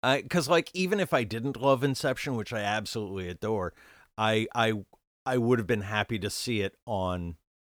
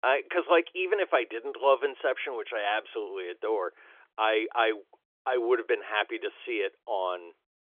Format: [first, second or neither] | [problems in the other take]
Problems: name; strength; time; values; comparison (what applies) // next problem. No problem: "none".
first | phone-call audio; nothing above 3.5 kHz